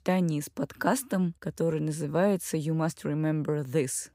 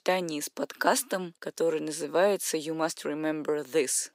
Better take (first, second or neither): first